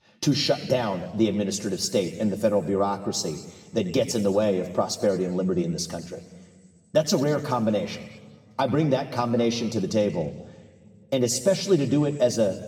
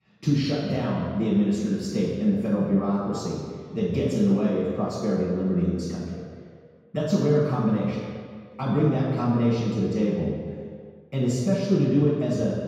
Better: first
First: room echo; slight; dies away in 1.5 s // off-mic speech; somewhat distant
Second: room echo; strong; dies away in 2 s // off-mic speech; far

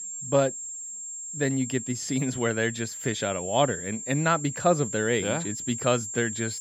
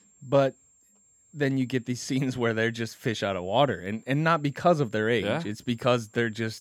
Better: second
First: high-pitched whine; loud; throughout; 7.5 kHz, 7 dB below the speech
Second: high-pitched whine; faint; throughout; 7.5 kHz, 30 dB below the speech

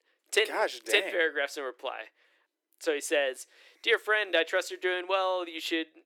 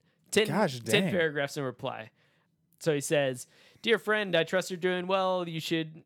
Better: second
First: thin; very; fading below 300 Hz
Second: none

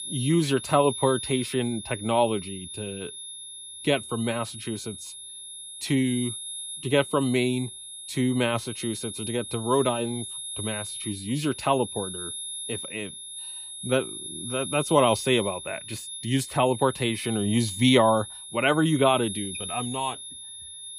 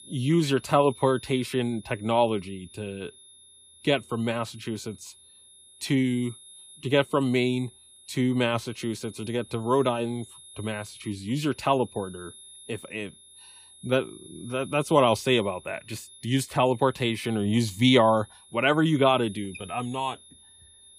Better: second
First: high-pitched whine; loud; throughout; 10.5 kHz, 9 dB below the speech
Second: high-pitched whine; faint; throughout; 10.5 kHz, 20 dB below the speech

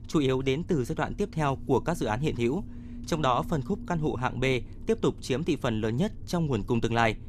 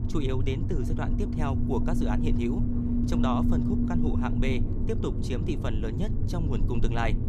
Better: first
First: low rumble; faint; throughout; 20 dB below the speech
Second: low rumble; loud; throughout; 1 dB below the speech

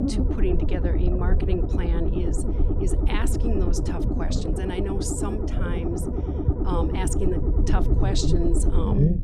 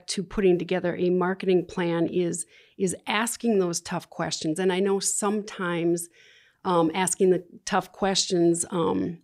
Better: second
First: low rumble; loud; throughout; as loud as the speech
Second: none

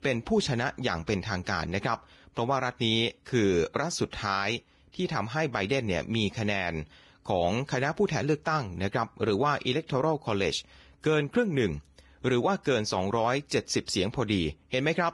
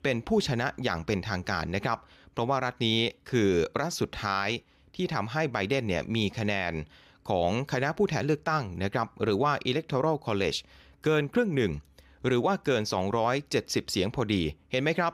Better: second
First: garbled, watery; badly; nothing above 10.5 kHz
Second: none

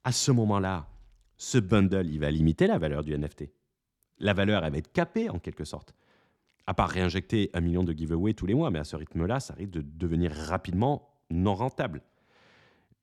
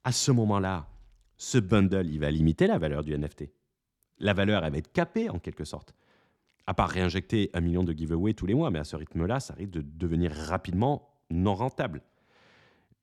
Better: neither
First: none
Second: none

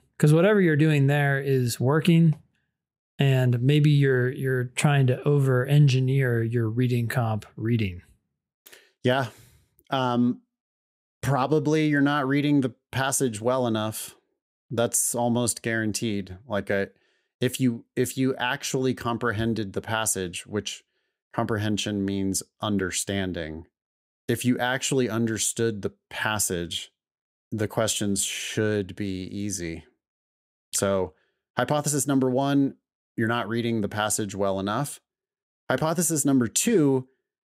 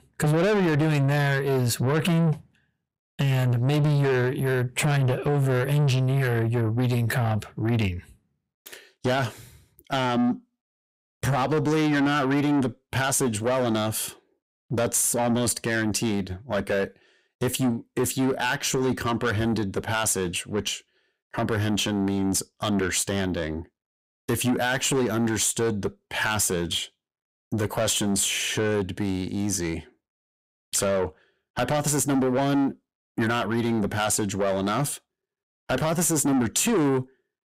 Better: first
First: none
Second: distortion; heavy; 7 dB below the speech

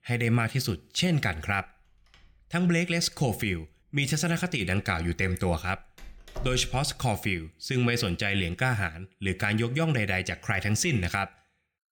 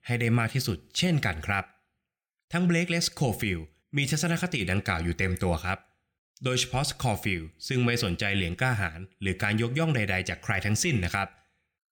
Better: second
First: door banging; faint; from 6 to 7 s; peak 15 dB below the speech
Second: none

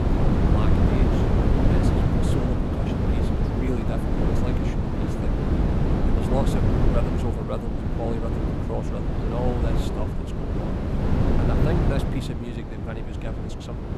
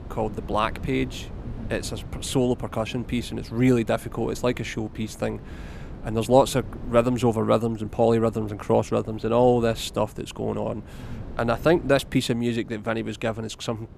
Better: second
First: wind noise on the microphone; heavy; 5 dB above the speech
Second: wind noise on the microphone; occasional gusts; 25 dB below the speech

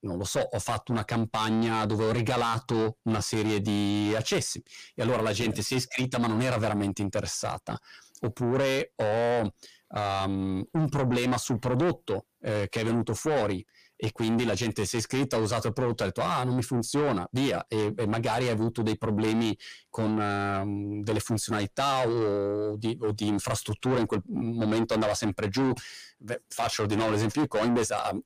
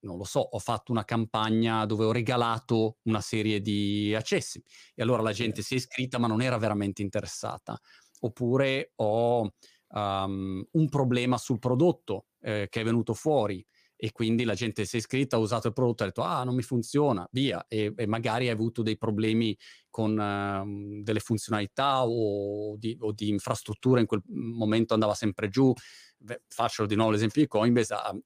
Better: second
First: distortion; heavy; 6 dB below the speech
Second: none

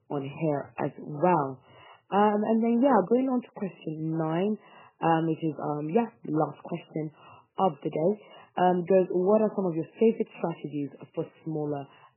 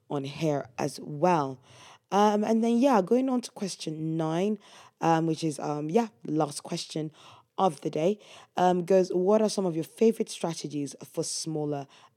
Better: second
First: garbled, watery; badly; nothing above 3 kHz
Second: none

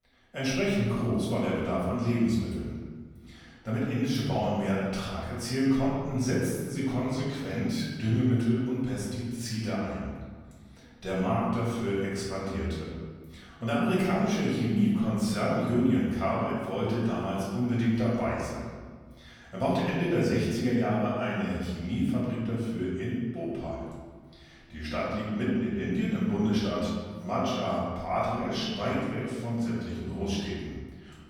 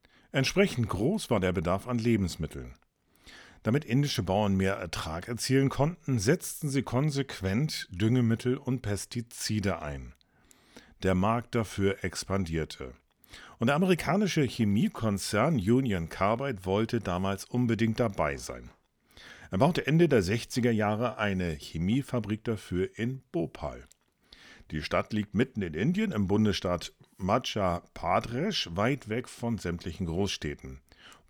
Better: second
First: room echo; strong; dies away in 1.4 s // off-mic speech; far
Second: none

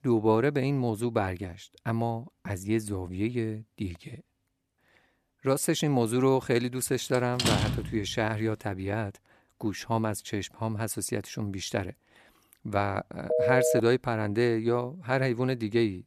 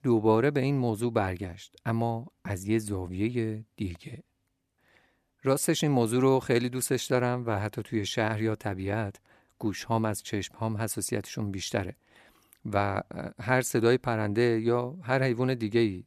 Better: second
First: door banging; loud; at 7 s; peak 2 dB above the speech // phone ringing; loud; at 13 s; peak 4 dB above the speech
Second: none

